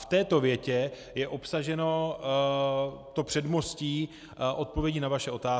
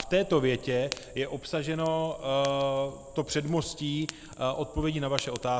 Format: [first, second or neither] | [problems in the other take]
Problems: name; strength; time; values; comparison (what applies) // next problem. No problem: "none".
first | background sound (Fire); 16 dB below the speech